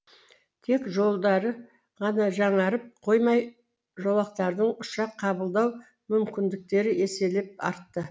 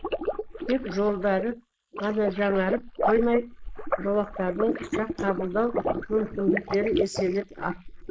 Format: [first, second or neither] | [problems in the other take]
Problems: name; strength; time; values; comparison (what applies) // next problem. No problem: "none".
first | noise reduction (neural mask model Resemble Enhance denoiser)